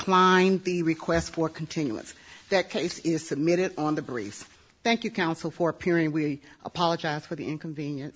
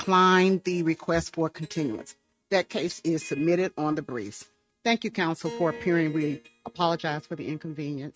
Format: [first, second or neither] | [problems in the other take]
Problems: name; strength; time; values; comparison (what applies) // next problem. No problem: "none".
first | noise reduction (neural mask model RNNoise)